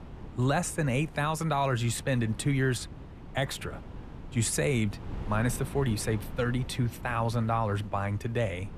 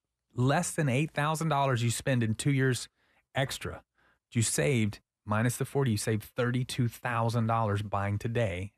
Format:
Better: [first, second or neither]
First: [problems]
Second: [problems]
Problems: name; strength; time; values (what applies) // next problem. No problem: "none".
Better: second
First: wind noise on the microphone; occasional gusts; 20 dB below the speech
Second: none